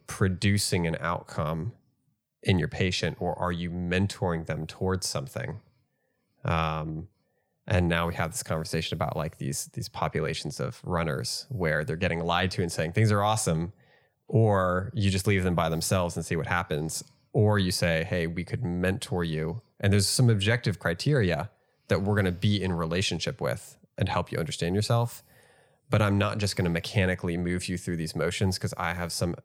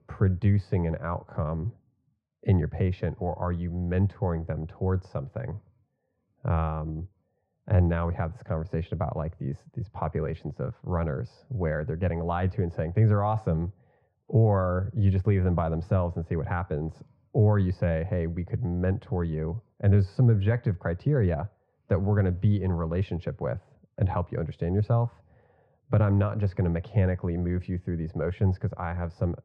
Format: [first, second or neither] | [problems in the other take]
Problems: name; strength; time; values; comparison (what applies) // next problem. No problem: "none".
first | muffled; very; fading above 1 kHz